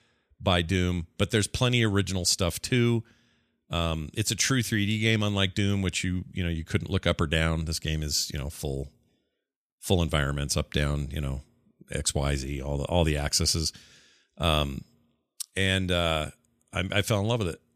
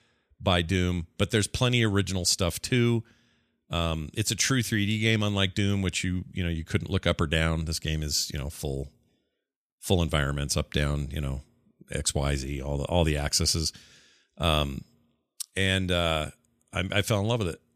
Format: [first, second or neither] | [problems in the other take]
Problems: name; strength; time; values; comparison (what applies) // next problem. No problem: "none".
neither | none